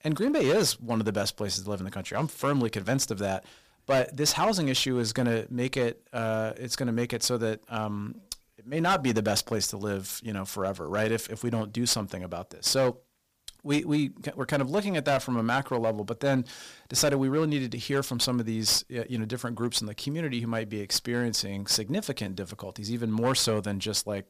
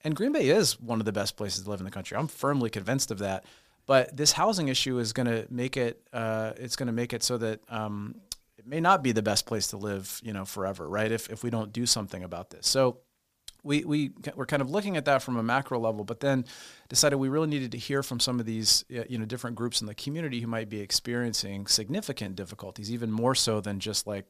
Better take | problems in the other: second | distortion; slight; 4% of the sound clipped

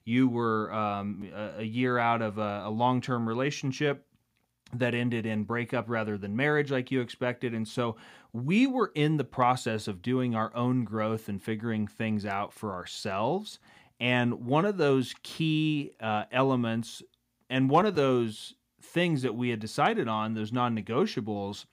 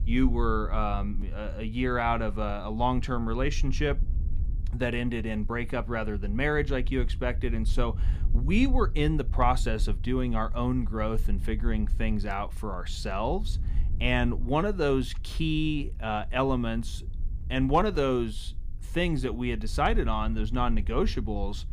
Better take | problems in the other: first | low rumble; faint; throughout; 25 dB below the speech

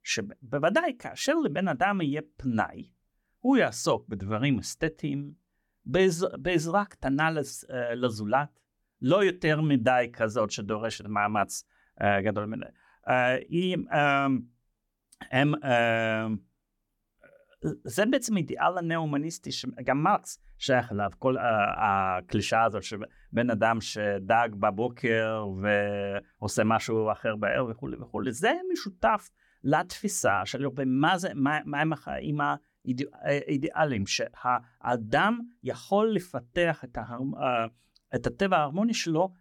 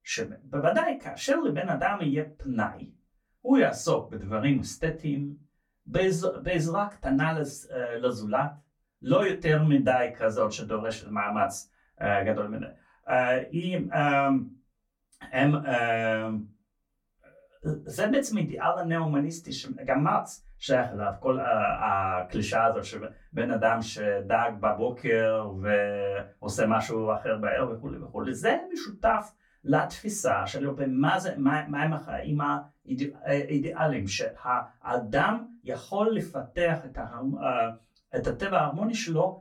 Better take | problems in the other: first | off-mic speech; far // room echo; very slight; dies away in 0.2 s

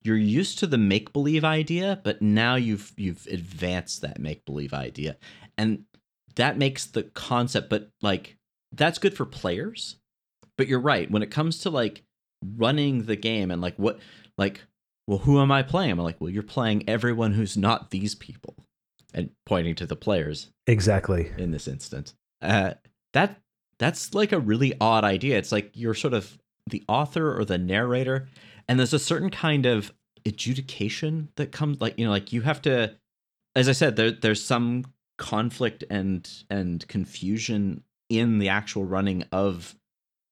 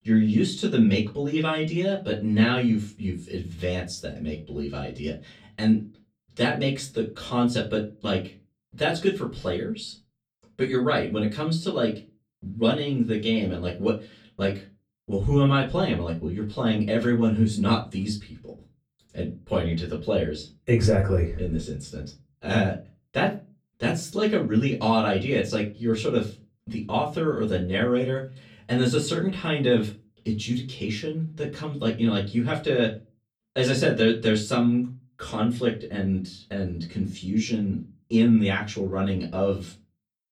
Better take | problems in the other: first | off-mic speech; far // room echo; very slight; dies away in 0.2 s

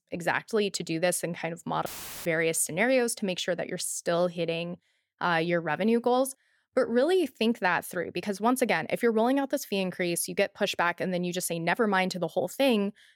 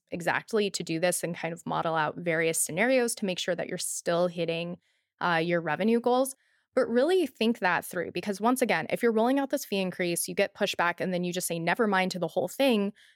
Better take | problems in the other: second | audio cutting out; filled with static; at 2 s

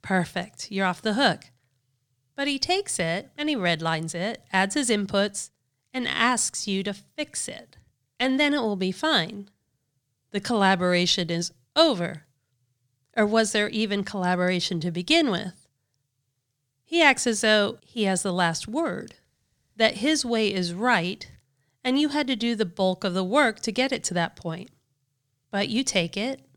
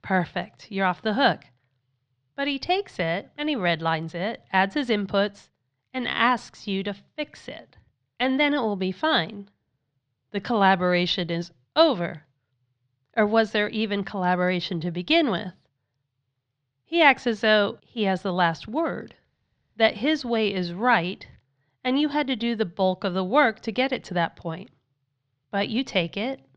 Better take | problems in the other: first | muffled; slightly; fading above 4 kHz

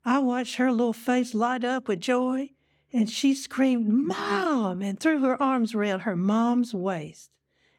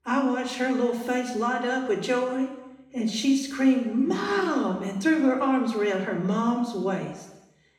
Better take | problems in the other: first | room echo; noticeable; dies away in 0.9 s // off-mic speech; somewhat distant

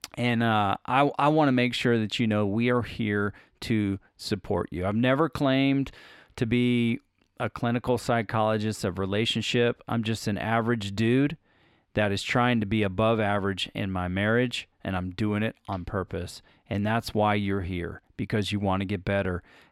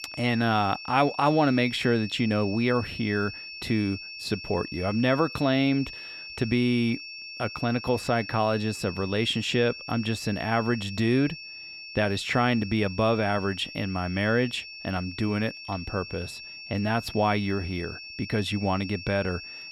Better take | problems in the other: first | high-pitched whine; noticeable; throughout; 2.5 kHz, 10 dB below the speech

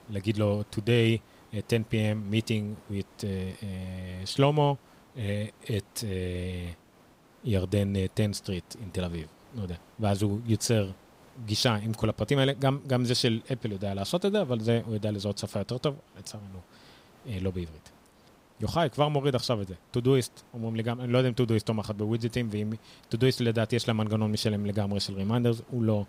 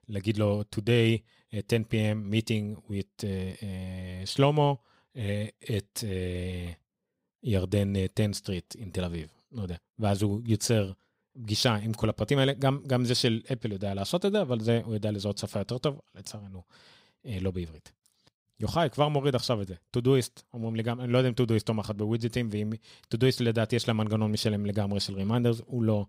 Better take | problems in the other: second | hiss; faint; throughout; 30 dB below the speech

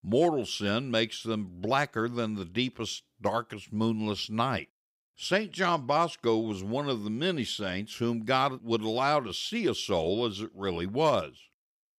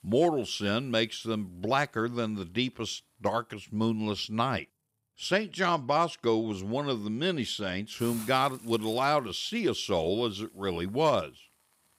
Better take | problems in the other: first | hiss; faint; throughout; 20 dB below the speech

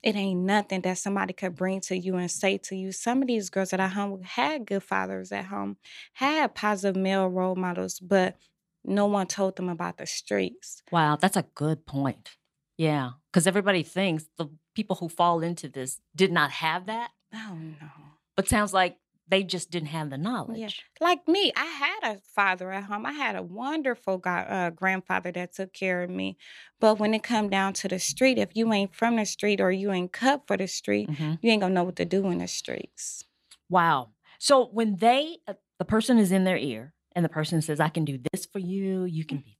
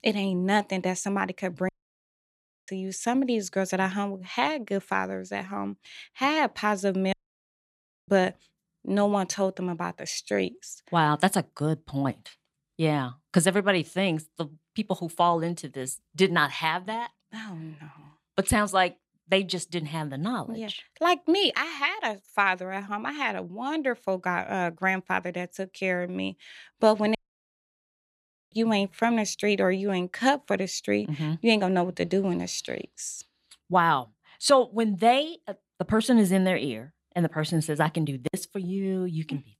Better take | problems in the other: first | audio cutting out; at 1.5 s for 1 s, at 7 s for 1 s and at 27 s for 1.5 s

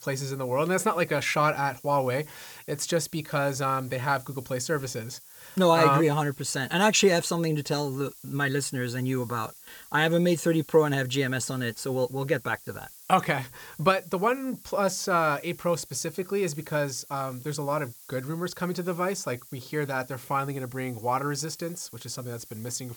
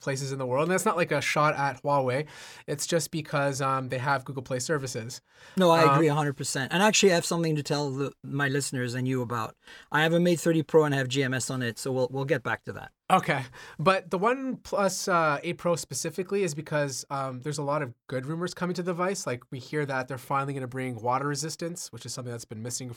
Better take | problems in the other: second | hiss; noticeable; throughout; 20 dB below the speech

